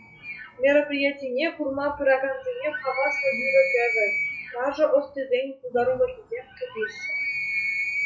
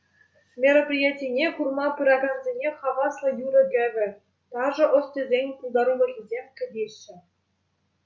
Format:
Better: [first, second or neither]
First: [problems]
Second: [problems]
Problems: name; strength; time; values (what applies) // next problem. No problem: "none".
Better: second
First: noise reduction (classical method log-MMSE)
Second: none